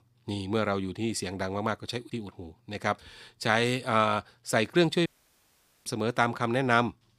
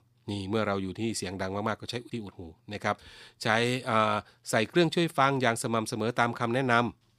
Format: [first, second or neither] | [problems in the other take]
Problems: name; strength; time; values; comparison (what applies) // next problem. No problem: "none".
second | audio cutting out; at 5 s for 1 s